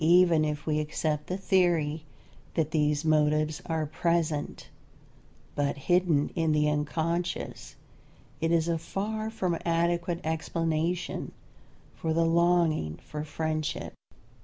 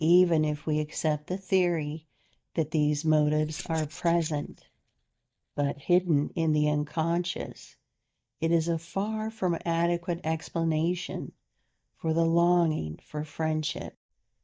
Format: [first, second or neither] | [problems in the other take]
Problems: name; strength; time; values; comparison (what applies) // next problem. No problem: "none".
first | noise reduction (neural mask model DeepFilterNet 3)